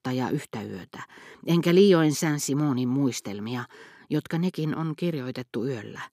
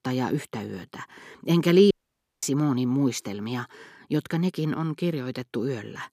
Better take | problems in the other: first | audio cutting out; at 2 s for 0.5 s

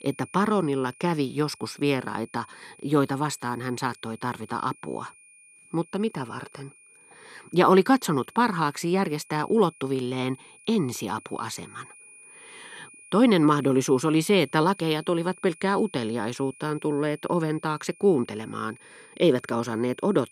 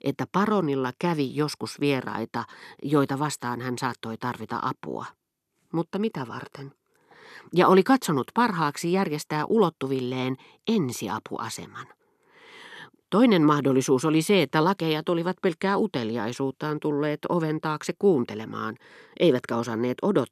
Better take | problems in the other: second | high-pitched whine; faint; throughout; 2.5 kHz, 25 dB below the speech

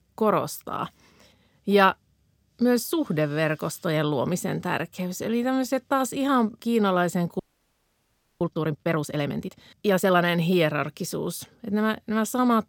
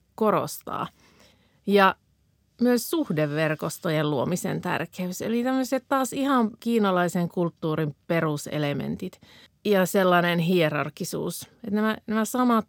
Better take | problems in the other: second | audio freezing; at 7.5 s for 1 s

